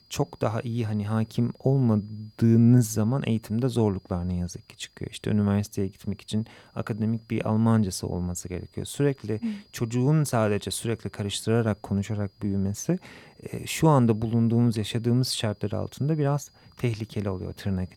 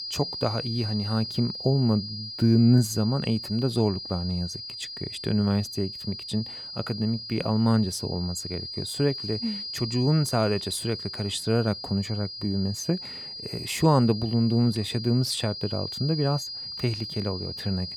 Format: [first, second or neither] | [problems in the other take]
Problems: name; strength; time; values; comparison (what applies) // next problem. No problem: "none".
first | high-pitched whine; loud; throughout; 5 kHz, 7 dB below the speech; faint in the first